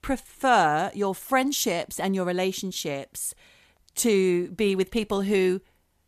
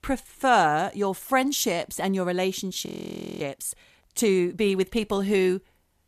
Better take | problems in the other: first | audio freezing; at 3 s for 0.5 s

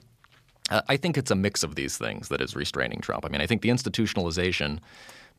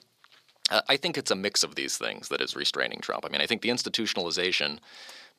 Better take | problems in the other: first | thin; somewhat; fading below 300 Hz

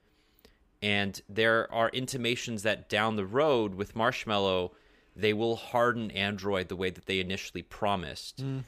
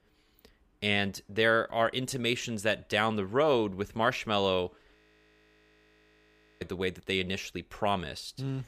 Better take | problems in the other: first | audio freezing; at 5 s for 1.5 s

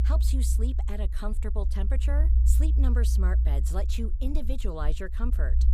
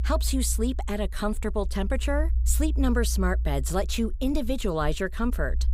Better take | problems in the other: second | low rumble; loud; throughout; 7 dB below the speech; faint in the second

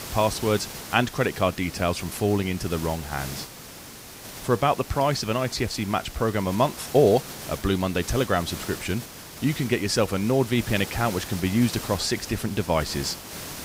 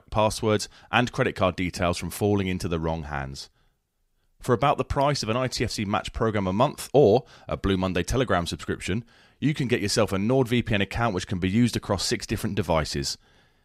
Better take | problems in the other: second | hiss; noticeable; throughout; 10 dB below the speech

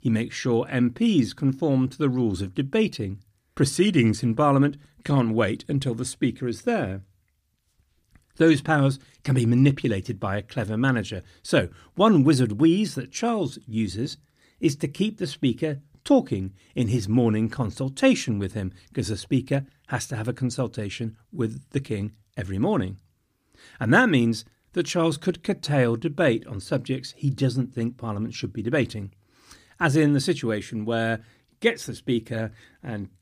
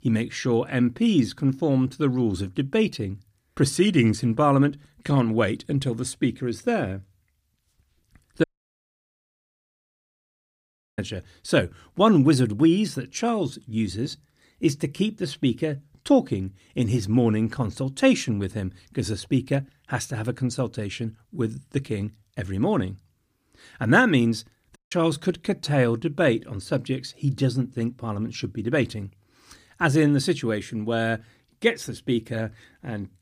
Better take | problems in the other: first | audio cutting out; at 8.5 s for 2.5 s and at 25 s

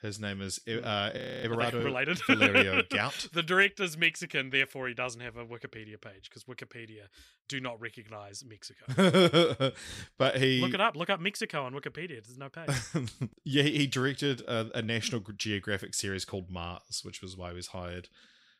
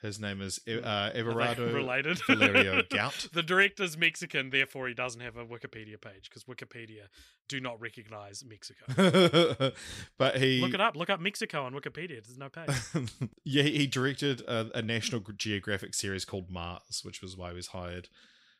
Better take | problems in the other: second | audio freezing; at 1 s

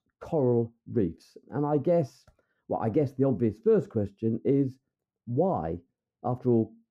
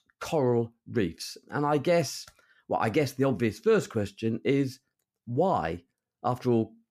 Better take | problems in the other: second | muffled; very; fading above 1 kHz

